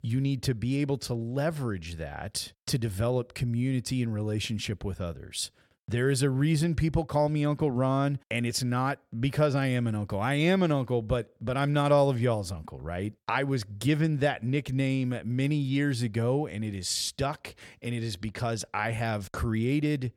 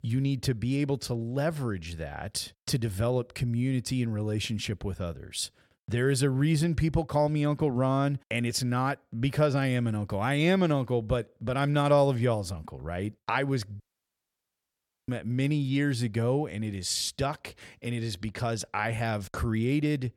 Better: first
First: none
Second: audio cutting out; at 14 s for 1.5 s

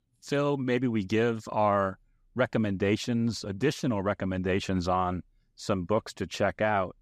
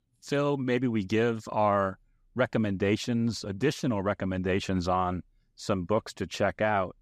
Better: neither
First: none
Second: none

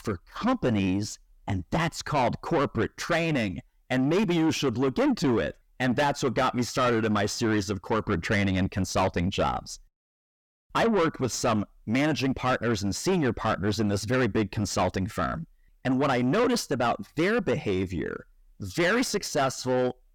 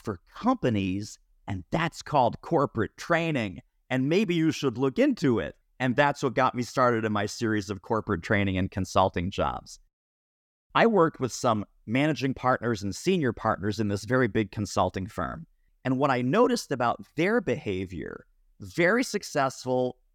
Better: second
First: distortion; heavy; 6 dB below the speech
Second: none

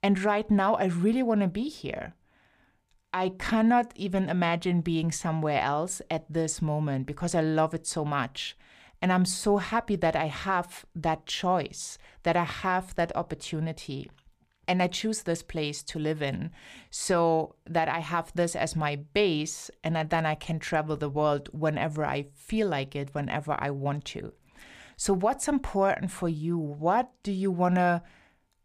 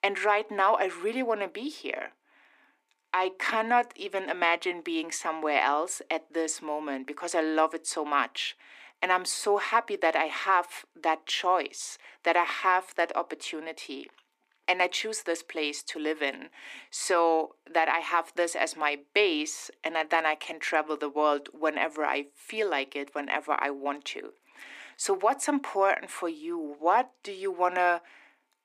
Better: first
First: none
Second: thin; somewhat; fading below 250 Hz

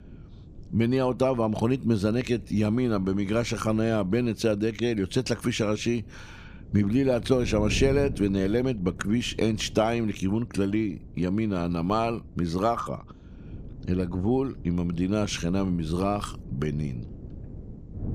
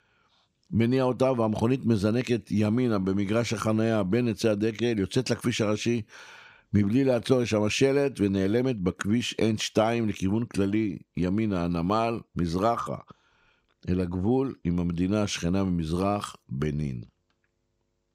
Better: second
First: wind noise on the microphone; occasional gusts; 20 dB below the speech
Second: none

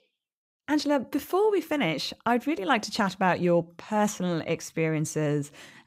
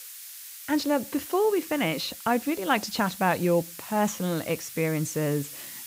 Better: first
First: none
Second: hiss; noticeable; throughout; 10 dB below the speech

